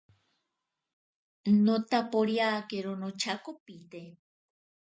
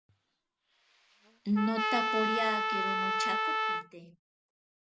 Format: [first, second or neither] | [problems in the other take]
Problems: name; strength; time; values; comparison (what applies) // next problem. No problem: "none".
first | background sound (Trumpet); 4 dB above the speech